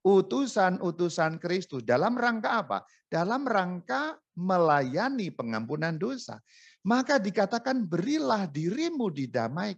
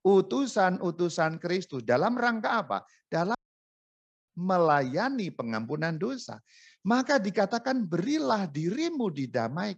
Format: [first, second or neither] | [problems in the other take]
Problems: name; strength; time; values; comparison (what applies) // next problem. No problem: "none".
first | audio cutting out; at 3.5 s for 1 s